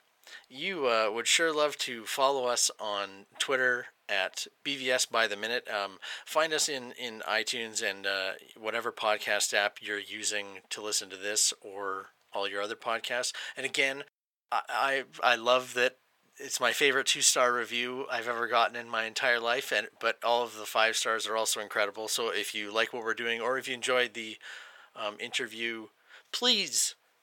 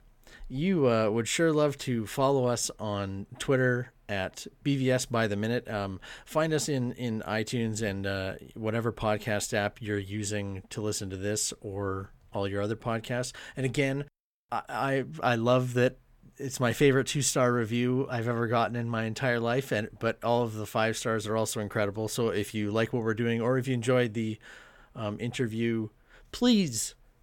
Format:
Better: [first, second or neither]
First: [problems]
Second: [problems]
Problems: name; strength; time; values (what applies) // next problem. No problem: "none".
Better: second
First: thin; very; fading below 650 Hz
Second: none